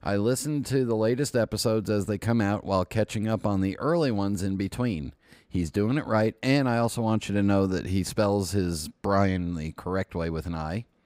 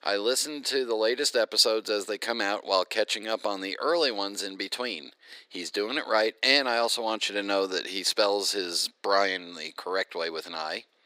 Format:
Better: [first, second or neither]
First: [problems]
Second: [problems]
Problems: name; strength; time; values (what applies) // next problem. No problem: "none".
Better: first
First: none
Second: thin; very; fading below 350 Hz